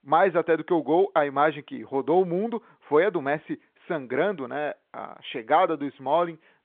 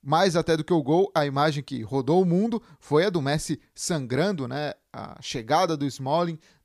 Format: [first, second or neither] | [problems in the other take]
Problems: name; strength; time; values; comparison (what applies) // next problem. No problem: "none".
second | phone-call audio